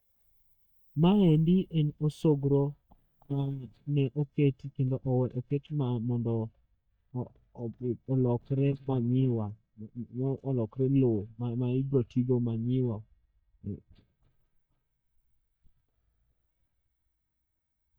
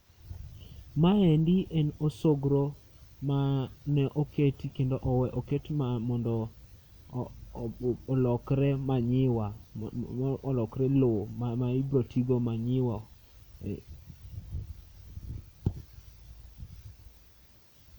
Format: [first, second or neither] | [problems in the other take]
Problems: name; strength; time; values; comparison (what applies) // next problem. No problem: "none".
second | noise reduction (neural mask model DeepFilterNet 3)